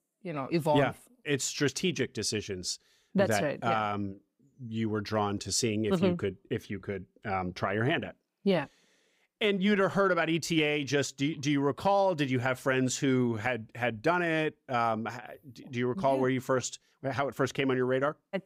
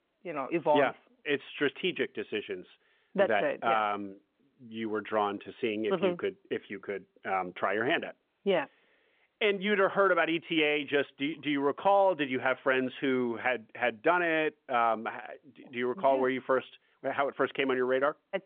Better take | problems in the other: first | phone-call audio; nothing above 3.5 kHz

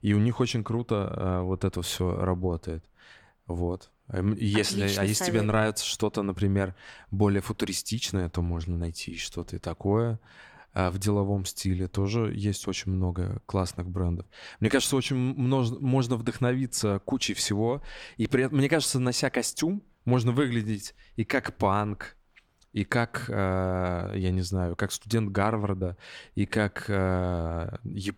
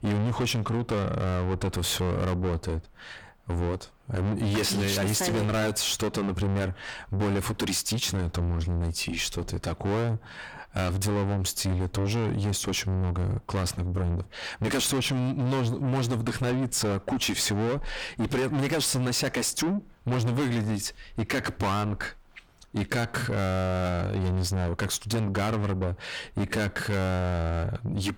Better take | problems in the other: first | distortion; heavy; 5 dB below the speech

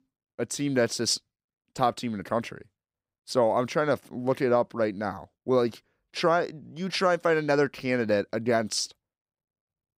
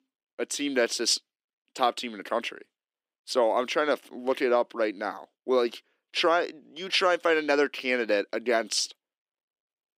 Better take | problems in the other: first | thin; very slightly; fading below 300 Hz

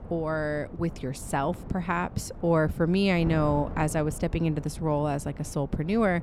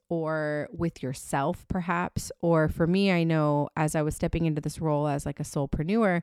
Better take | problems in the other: second | wind noise on the microphone; occasional gusts; 20 dB below the speech

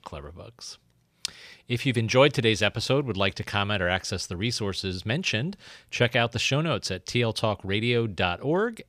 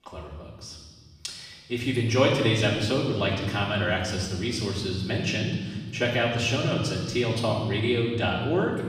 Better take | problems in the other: first | off-mic speech; far // room echo; noticeable; dies away in 1.7 s

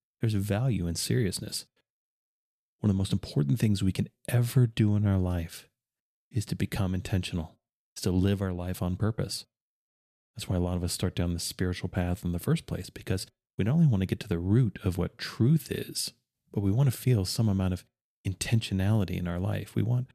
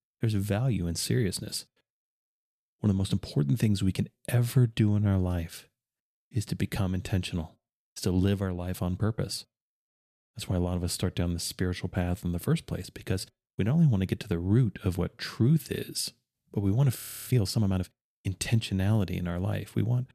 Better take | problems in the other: first | audio freezing; at 17 s

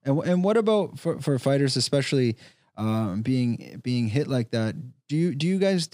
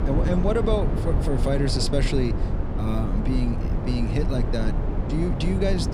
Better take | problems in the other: first | low rumble; loud; throughout; 5 dB below the speech

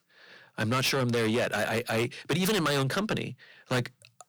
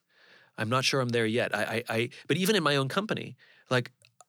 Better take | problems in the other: second | distortion; heavy; 7 dB below the speech

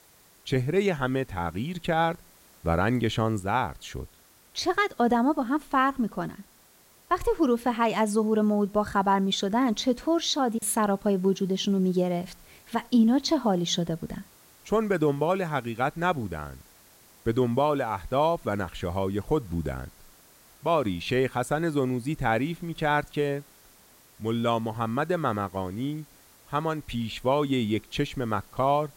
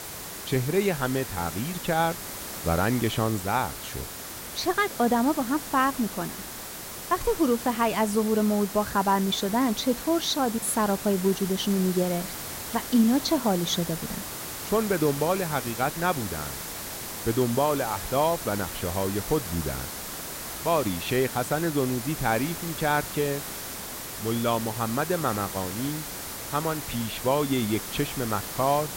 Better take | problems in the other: first | hiss; loud; throughout; 8 dB below the speech; faint in the first

